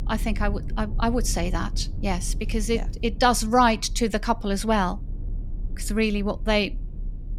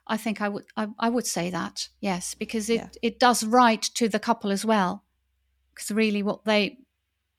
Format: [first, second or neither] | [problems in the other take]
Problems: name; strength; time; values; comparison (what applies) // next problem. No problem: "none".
second | low rumble; faint; throughout; 25 dB below the speech